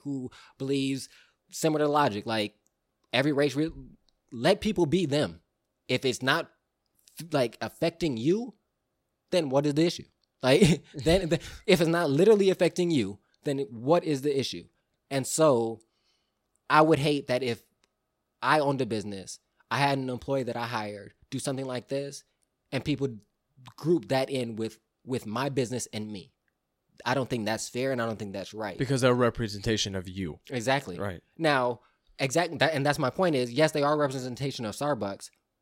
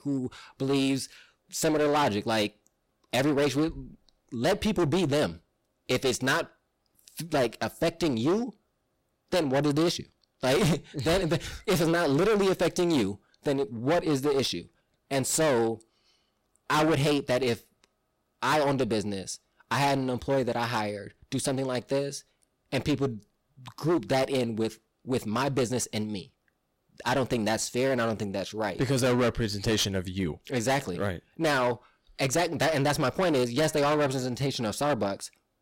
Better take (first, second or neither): first